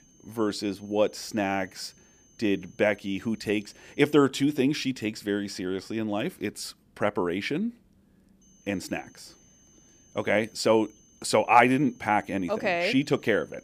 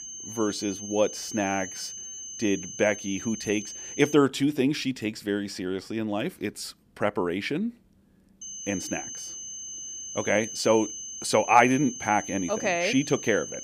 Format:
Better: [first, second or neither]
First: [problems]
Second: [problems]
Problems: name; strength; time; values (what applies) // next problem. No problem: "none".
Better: first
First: high-pitched whine; faint; until 4 s and from 8.5 s on; 6.5 kHz, 30 dB below the speech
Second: high-pitched whine; loud; until 4 s and from 8.5 s on; 6.5 kHz, 9 dB below the speech